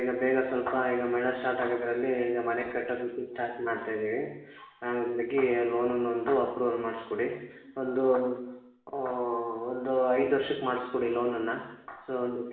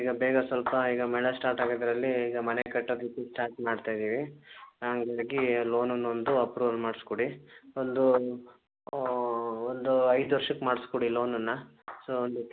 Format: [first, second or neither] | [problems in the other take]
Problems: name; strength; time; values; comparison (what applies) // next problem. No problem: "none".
second | room echo; dies away in 0.9 s